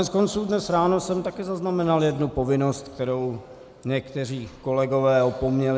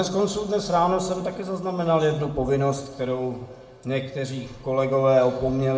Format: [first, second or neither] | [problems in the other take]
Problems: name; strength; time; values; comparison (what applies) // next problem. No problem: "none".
first | room echo; dies away in 0.6 s